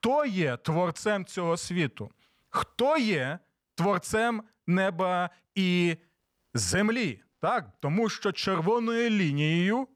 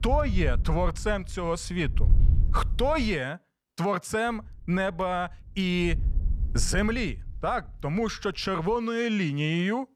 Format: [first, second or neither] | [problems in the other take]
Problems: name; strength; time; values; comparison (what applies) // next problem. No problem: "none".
first | wind noise on the microphone; occasional gusts; until 3 s and from 4.5 to 9 s; 20 dB below the speech